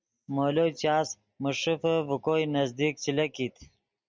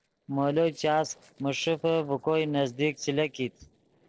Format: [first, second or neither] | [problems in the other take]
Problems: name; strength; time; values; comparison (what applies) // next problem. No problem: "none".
first | noise reduction (neural separator model SepFormer DNS4)